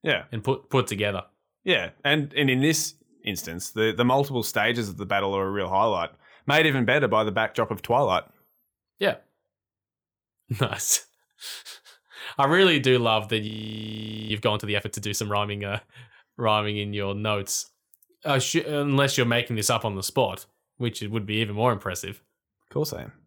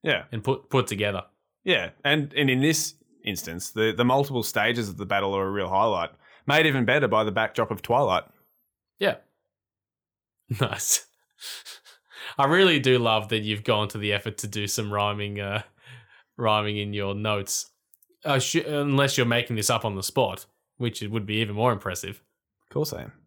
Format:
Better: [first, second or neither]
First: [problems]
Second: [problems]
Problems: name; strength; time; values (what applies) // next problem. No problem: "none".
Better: second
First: audio freezing; at 13 s for 1 s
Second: none